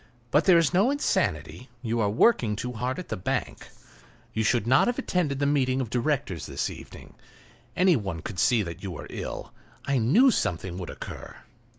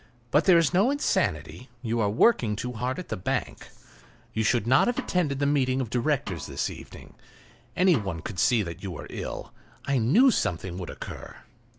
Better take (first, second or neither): first